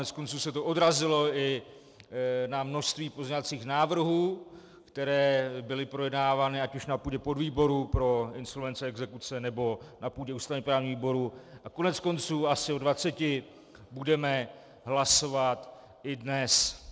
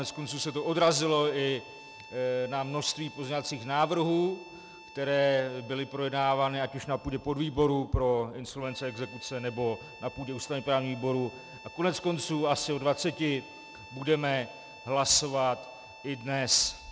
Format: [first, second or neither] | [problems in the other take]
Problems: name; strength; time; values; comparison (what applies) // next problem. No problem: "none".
first | background sound (Harmonica); 19 dB below the speech